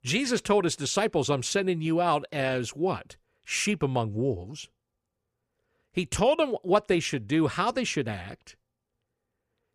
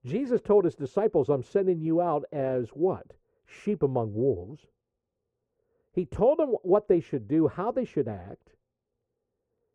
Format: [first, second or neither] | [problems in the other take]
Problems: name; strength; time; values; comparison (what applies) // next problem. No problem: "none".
first | muffled; very; fading above 2 kHz